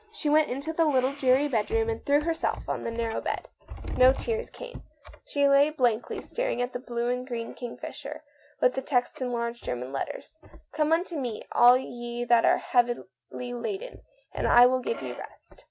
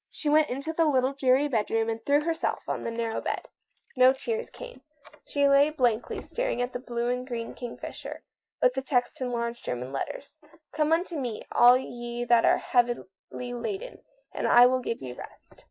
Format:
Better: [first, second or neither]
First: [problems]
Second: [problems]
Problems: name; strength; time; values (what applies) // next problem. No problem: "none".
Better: first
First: none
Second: noise reduction (neural mask model Resemble Enhance denoiser)